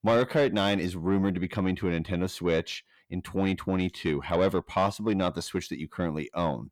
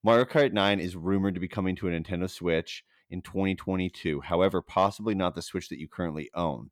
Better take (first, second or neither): second